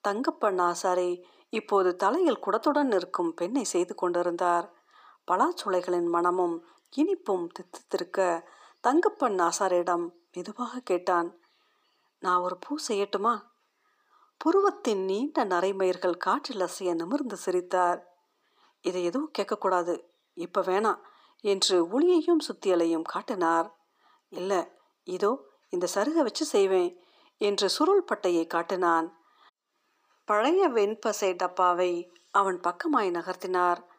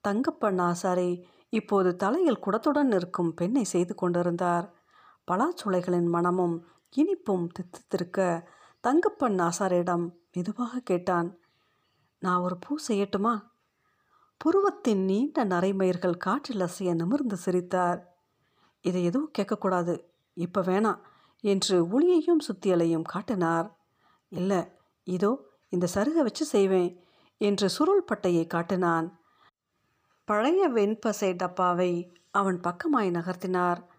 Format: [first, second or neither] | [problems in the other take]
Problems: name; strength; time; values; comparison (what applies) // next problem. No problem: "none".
second | thin; somewhat; fading below 300 Hz